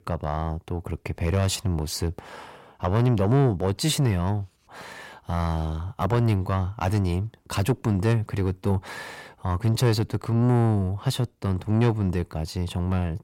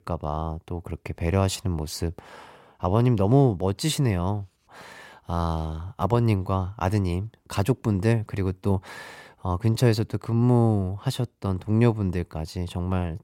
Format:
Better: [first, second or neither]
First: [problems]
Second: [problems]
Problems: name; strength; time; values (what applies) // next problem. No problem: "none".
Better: second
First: distortion; slight; 10 dB below the speech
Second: none